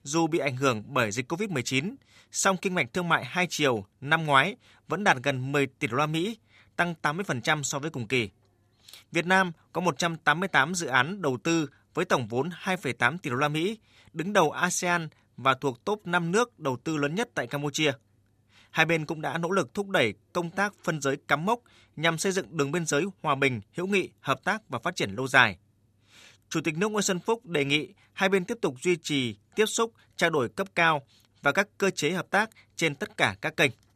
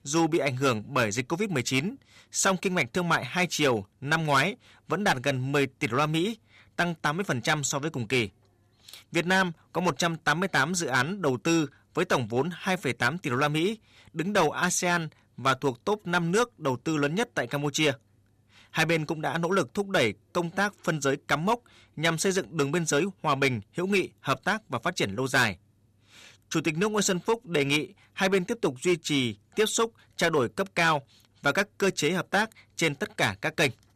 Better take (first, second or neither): first